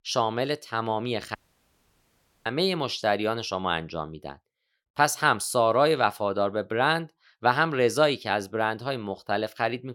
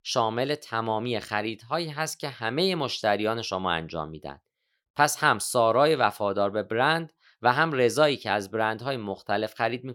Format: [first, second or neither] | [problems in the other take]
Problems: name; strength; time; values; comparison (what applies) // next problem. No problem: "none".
second | audio cutting out; at 1.5 s for 1 s